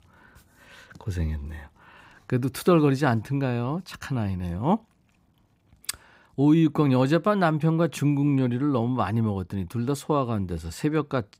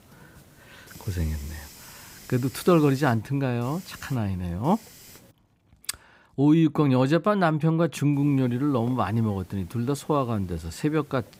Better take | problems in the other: first | hiss; faint; until 5.5 s and from 8 s on; 20 dB below the speech

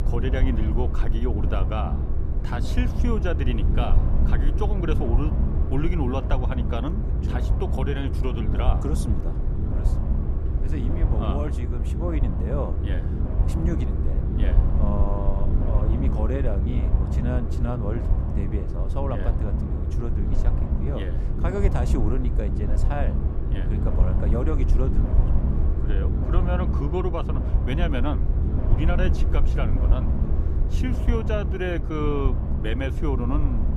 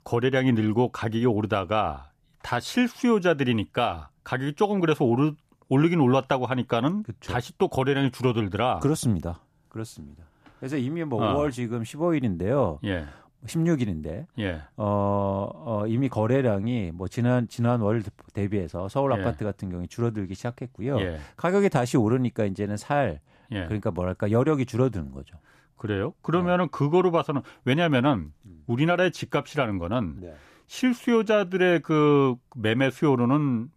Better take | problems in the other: second | low rumble; loud; throughout; 4 dB below the speech

